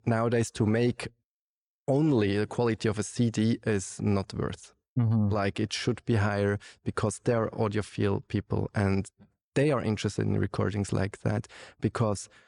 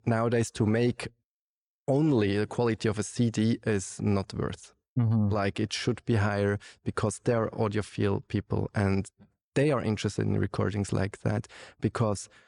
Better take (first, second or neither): neither